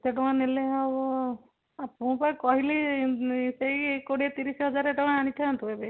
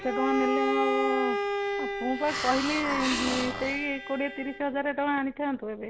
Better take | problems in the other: first | background sound (Hiss + Bowed string instrument); 1 dB below the speech

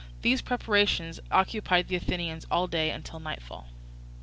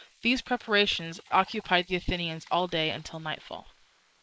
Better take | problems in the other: first | noise reduction (neural mask model Resemble Enhance denoiser)

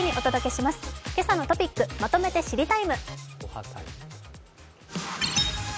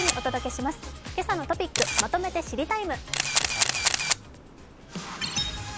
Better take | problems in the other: first | background sound (Camera); as loud as the speech

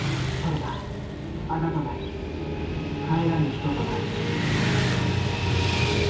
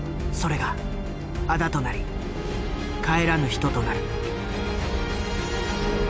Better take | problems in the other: second | background sound (Motorcycle / Traffic noise, roadway noise); 2 dB above the speech // room echo; dies away in 0.6 s

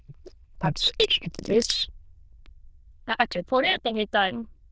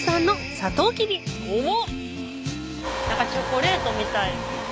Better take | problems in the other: second | noise reduction (neural diffusion model UNIVERSE++)

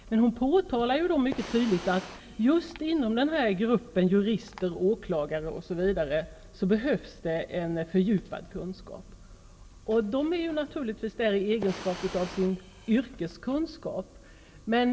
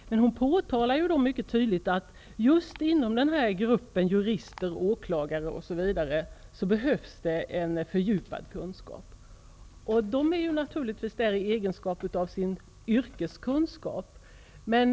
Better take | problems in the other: second | background sound (Fire); 14 dB below the speech // room echo; dies away in 1.7 s

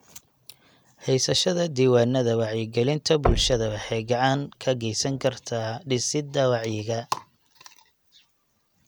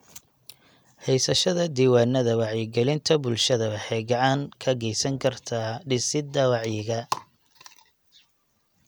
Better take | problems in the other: second | background sound (Knock); 7 dB below the speech

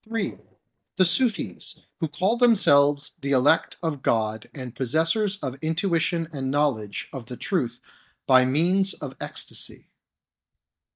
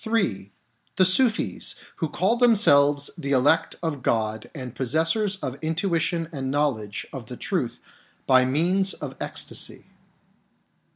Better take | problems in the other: second | noise reduction (neural mask model DeepFilterNet 3)

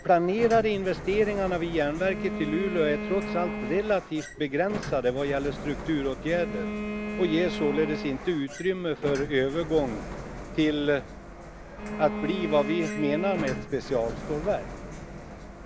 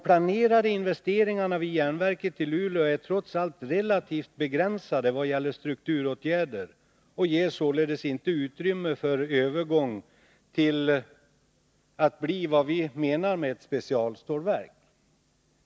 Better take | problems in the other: second | background sound (Sliding door + Bowed string instrument); 7 dB below the speech

